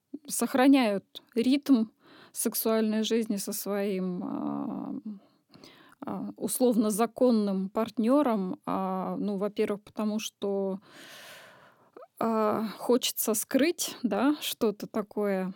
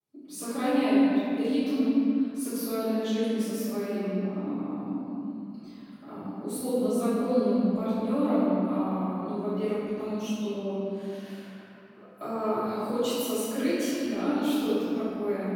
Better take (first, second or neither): first